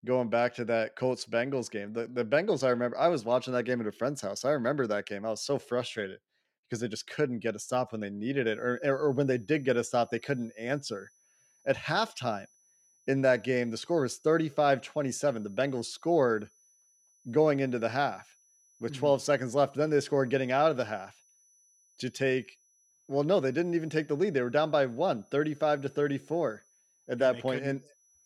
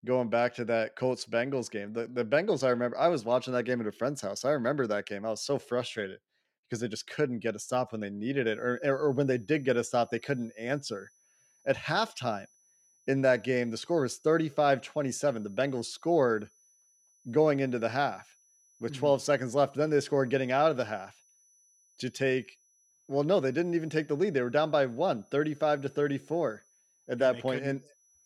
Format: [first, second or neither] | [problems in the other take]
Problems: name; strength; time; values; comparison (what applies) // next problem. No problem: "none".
neither | high-pitched whine; faint; from 8.5 s on; 6 kHz, 35 dB below the speech; the same in both